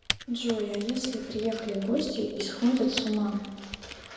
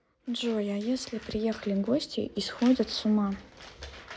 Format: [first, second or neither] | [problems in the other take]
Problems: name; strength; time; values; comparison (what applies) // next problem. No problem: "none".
second | background sound (Typing); 11 dB below the speech // room echo; dies away in 1 s